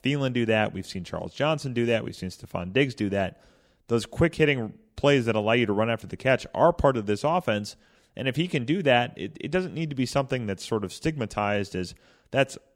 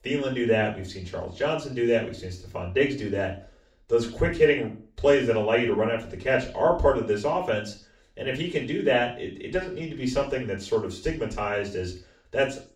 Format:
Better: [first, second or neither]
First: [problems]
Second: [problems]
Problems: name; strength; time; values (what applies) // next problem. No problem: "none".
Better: first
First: none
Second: room echo; slight; dies away in 0.4 s // off-mic speech; far